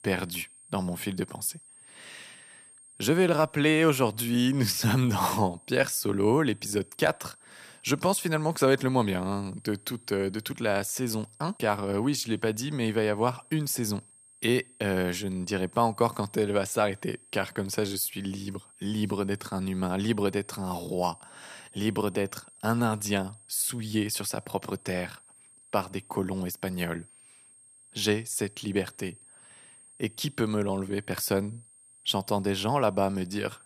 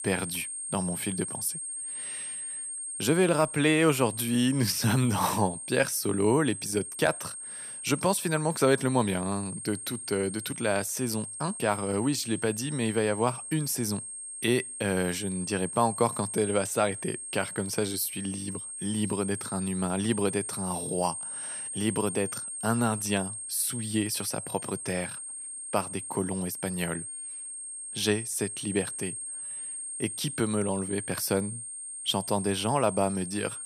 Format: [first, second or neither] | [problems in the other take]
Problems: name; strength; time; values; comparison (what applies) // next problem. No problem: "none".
first | high-pitched whine; loud; throughout; 8.5 kHz, 7 dB below the speech; faint in the first